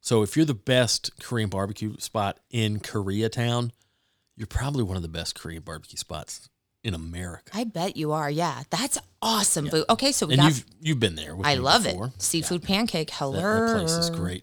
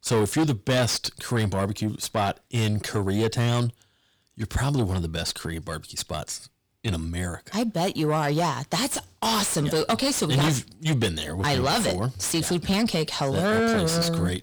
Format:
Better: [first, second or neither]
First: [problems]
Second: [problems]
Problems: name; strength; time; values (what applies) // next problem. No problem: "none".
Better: first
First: none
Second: distortion; heavy; 6 dB below the speech